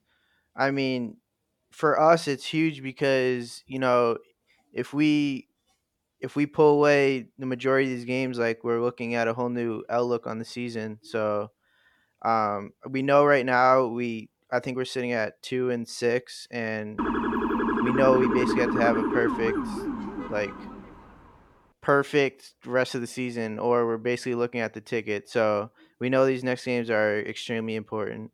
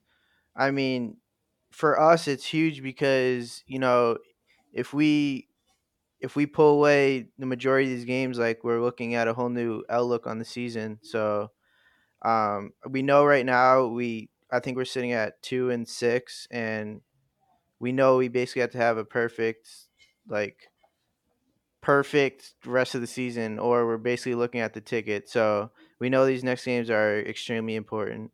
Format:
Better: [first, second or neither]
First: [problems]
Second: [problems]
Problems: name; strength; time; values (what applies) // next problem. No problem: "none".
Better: second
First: siren; loud; from 17 to 21 s; peak level with the speech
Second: none